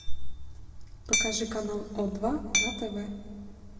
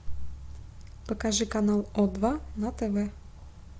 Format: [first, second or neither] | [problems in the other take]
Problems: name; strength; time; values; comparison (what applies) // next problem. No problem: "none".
second | background sound (Hammer); 5 dB below the speech // room echo; dies away in 1.8 s